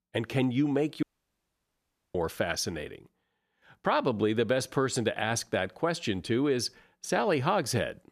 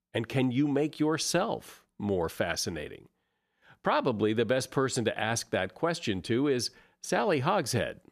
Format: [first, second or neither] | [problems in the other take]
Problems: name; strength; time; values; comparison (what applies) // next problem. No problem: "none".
second | audio cutting out; at 1 s for 1 s